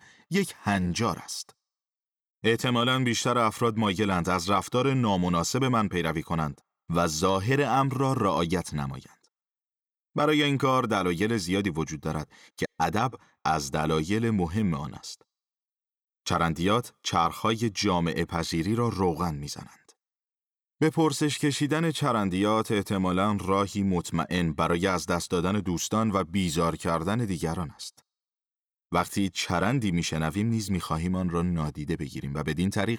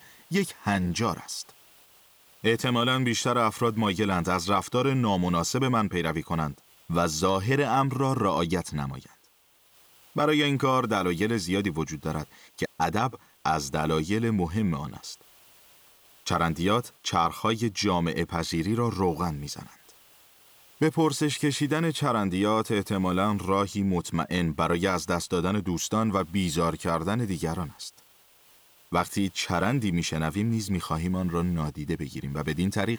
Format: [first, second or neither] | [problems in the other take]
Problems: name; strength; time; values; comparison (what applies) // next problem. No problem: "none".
first | hiss; faint; throughout; 30 dB below the speech